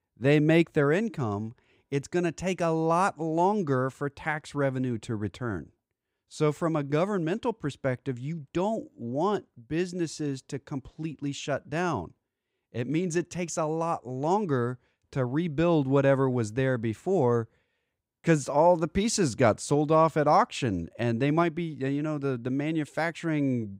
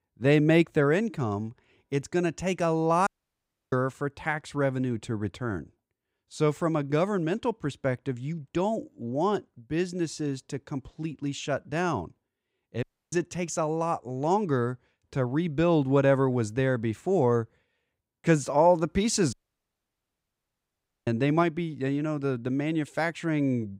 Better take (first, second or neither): first